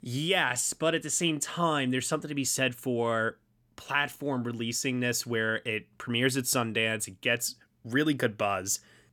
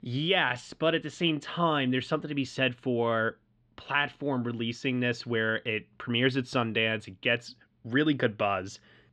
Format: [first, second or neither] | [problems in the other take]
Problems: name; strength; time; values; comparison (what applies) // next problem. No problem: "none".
first | muffled; slightly; fading above 4 kHz